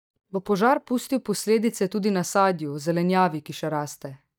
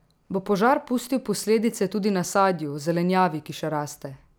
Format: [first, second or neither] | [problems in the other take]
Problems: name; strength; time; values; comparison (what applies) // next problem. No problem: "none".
second | noise reduction (neural mask model DeepFilterNet 3)